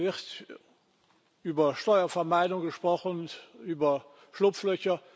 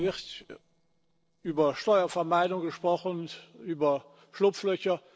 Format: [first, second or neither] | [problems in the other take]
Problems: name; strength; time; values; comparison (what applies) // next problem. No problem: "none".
first | noise reduction (neural separator model SepFormer DNS4)